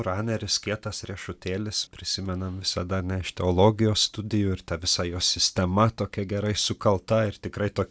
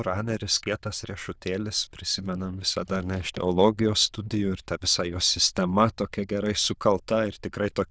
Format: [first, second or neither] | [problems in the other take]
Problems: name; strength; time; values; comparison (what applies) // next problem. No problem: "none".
first | noise reduction (neural diffusion model UNIVERSE++)